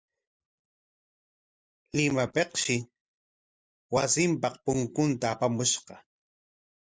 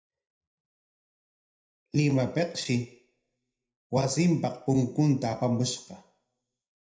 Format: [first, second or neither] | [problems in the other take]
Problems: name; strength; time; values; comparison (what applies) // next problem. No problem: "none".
first | room echo; dies away in 0.5 s